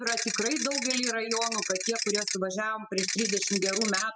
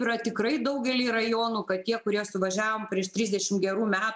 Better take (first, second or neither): second